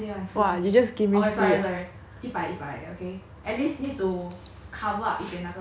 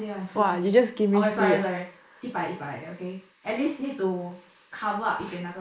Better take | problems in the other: first | noise reduction (neural mask model Resemble Enhance denoiser)

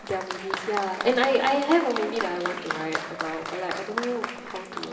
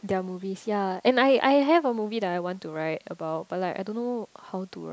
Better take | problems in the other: second | background sound (Applause); 6 dB below the speech // room echo; dies away in 2.4 s

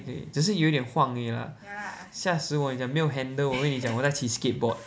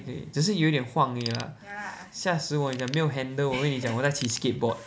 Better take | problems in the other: first | background sound (Ratchet, pawl / Tools); 18 dB below the speech

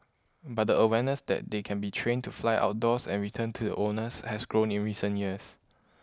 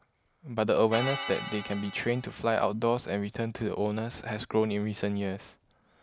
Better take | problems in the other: first | background sound (Organ); 10 dB below the speech

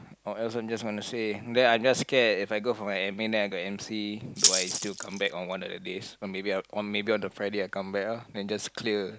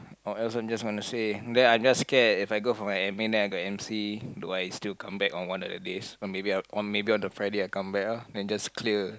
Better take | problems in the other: second | background sound (Rattle (instrument)); 1 dB above the speech

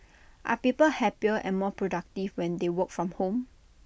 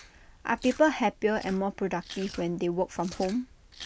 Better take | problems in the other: first | background sound (Chewing, mastication); 19 dB below the speech

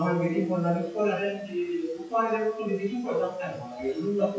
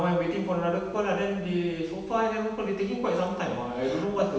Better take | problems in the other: second | noise reduction (classical method WPE with log-MMSE)

